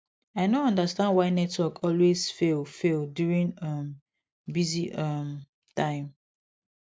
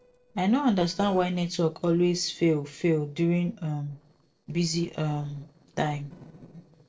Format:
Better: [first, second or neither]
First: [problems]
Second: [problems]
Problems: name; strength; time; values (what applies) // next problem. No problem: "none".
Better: first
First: none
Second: noise reduction (neural separator model SepFormer DNS4)